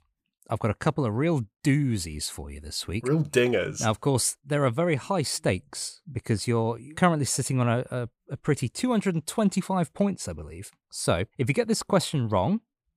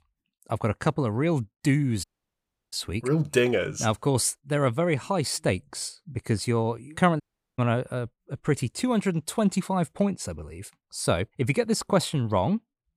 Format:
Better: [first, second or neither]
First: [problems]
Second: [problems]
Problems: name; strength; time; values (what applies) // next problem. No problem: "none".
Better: first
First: none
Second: audio cutting out; at 2 s for 0.5 s and at 7 s